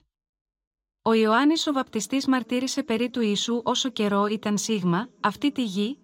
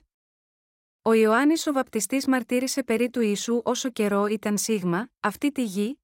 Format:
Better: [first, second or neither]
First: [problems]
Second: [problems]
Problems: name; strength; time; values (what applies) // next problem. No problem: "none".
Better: second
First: room echo; slight; dies away in 3 s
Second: none